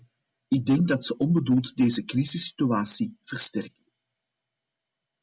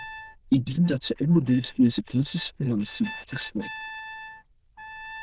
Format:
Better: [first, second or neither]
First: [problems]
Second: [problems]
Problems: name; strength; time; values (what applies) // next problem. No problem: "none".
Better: first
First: none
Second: noise reduction (neural diffusion model UNIVERSE++)